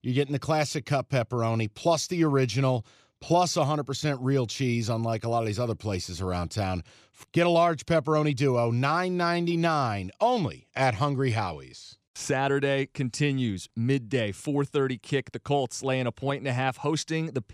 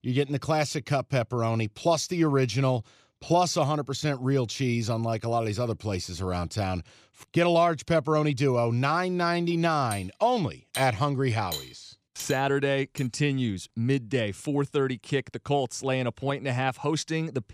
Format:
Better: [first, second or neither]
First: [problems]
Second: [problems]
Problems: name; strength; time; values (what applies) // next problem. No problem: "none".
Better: first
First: none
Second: clattering dishes; noticeable; from 10 to 13 s; peak 9 dB below the speech